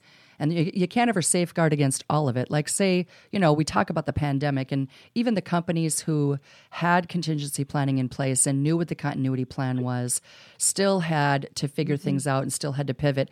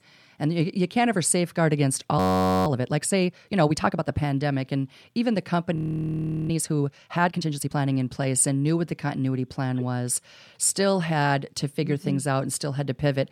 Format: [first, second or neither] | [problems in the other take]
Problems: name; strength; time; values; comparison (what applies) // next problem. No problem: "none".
first | audio freezing; at 2 s and at 6 s for 0.5 s